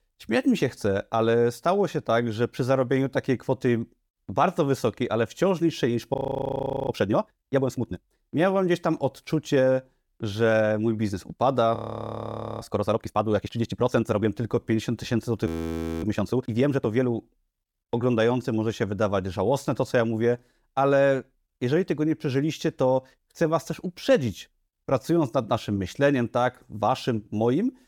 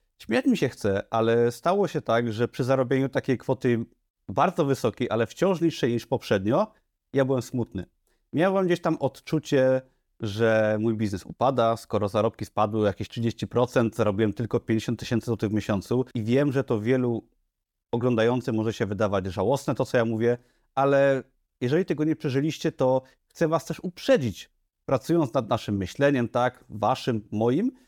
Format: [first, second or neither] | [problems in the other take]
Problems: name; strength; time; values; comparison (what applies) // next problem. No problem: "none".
second | audio freezing; at 6 s for 1 s, at 12 s for 1 s and at 15 s for 0.5 s